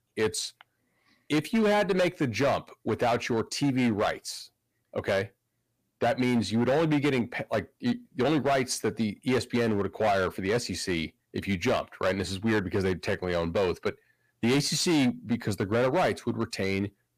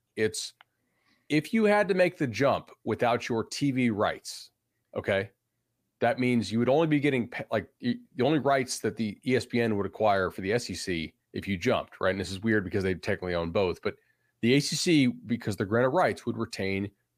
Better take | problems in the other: second | distortion; slight; 10% of the sound clipped

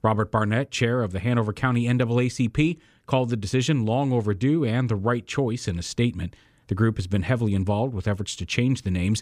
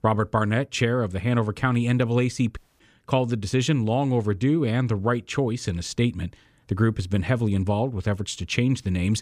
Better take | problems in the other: first | audio cutting out; at 2.5 s

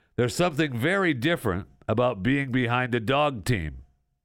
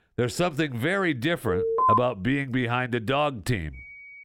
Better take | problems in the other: first | alarm; loud; at 1.5 s; peak 5 dB above the speech // phone ringing; faint; at 3.5 s; peak 15 dB below the speech

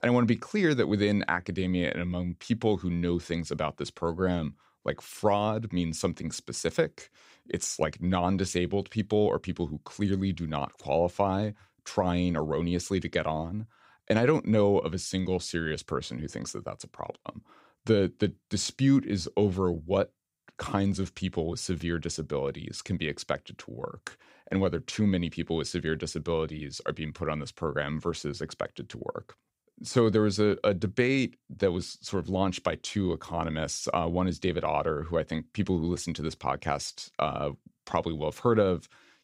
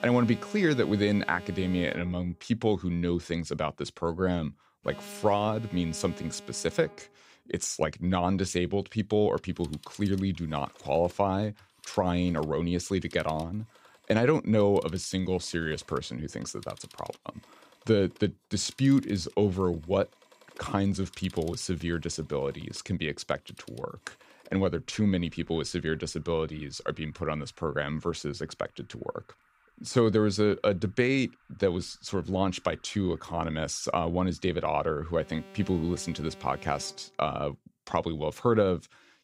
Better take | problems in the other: first | alarms or sirens; faint; throughout; 20 dB below the speech

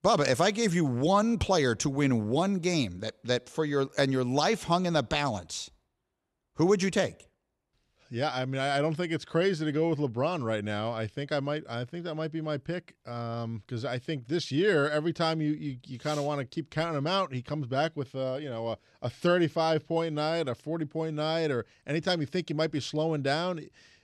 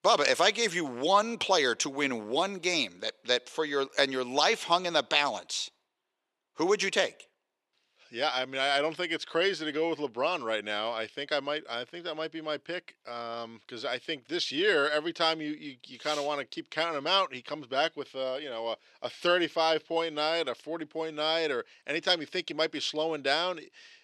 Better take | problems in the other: first | thin; somewhat; fading below 400 Hz

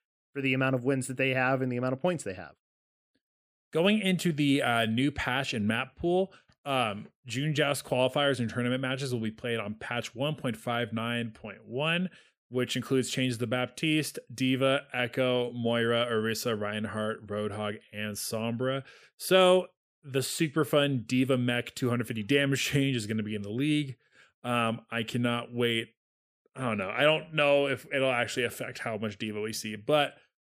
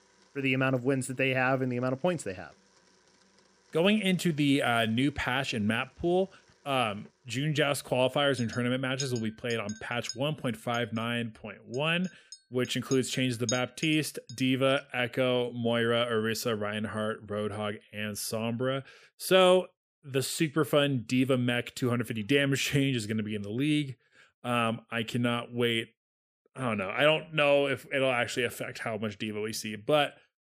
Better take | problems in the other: first | household noises; noticeable; until 14 s; 15 dB below the speech

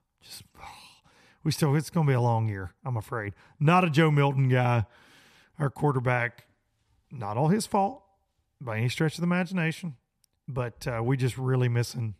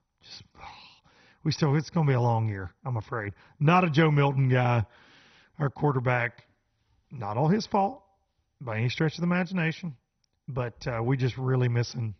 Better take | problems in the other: first | garbled, watery; badly; nothing above 6 kHz

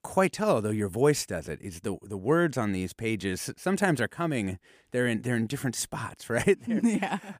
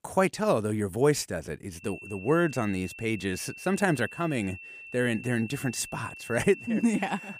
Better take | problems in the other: first | high-pitched whine; noticeable; from 2 s on; 2.5 kHz, 15 dB below the speech

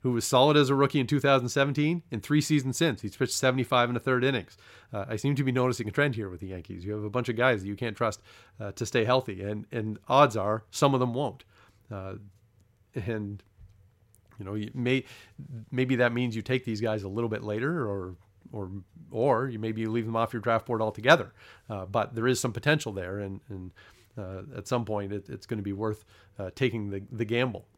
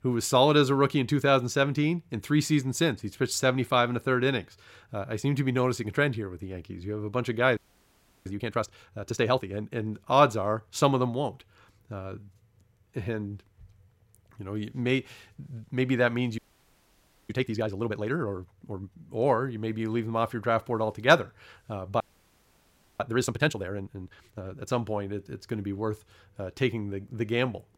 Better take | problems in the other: first | audio freezing; at 7.5 s for 0.5 s, at 16 s for 1 s and at 22 s for 1 s

